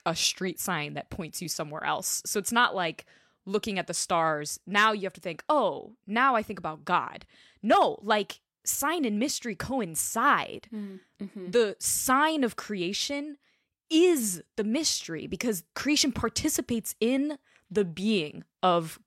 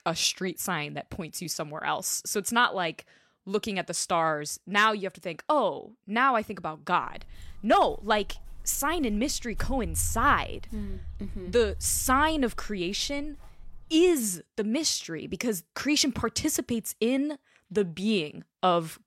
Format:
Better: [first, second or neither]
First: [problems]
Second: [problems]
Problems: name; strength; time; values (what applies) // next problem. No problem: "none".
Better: first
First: none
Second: footsteps; noticeable; from 7 to 14 s; peak 9 dB below the speech